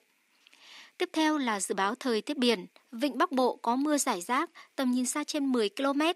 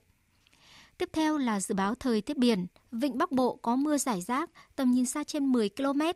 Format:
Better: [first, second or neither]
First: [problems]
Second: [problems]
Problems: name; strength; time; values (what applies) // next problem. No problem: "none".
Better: second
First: thin; very slightly; fading below 250 Hz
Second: none